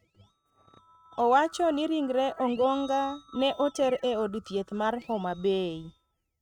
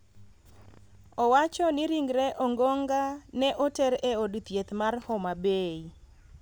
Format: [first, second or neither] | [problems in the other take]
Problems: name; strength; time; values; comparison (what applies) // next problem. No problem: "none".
second | noise reduction (neural mask model RNNoise)